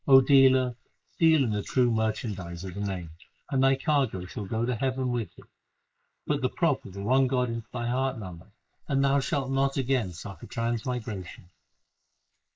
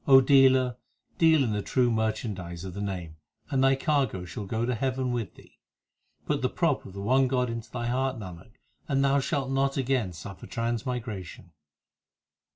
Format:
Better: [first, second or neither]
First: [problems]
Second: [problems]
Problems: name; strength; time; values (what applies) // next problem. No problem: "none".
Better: second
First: noise reduction (neural mask model Resemble Enhance denoiser)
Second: none